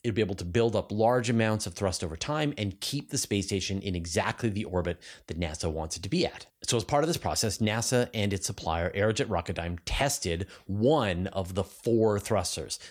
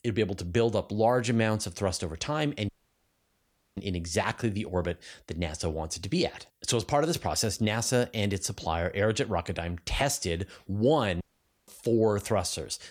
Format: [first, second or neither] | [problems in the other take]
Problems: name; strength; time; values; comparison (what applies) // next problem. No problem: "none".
first | audio cutting out; at 2.5 s for 1 s and at 11 s